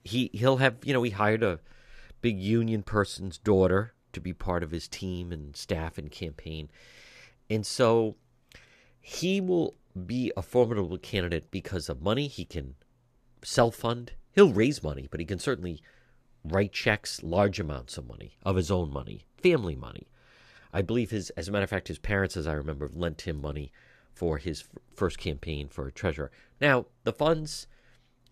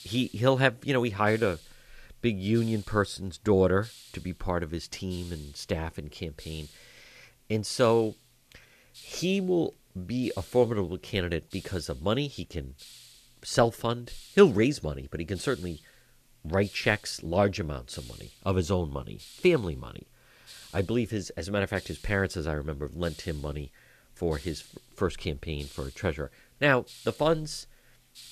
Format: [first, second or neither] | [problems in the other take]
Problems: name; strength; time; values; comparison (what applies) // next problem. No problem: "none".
first | hiss; faint; throughout; 20 dB below the speech